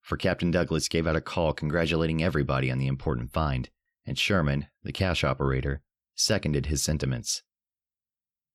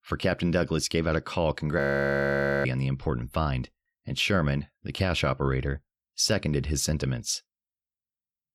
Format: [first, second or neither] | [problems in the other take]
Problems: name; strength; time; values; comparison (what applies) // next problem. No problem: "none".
first | audio freezing; at 2 s for 1 s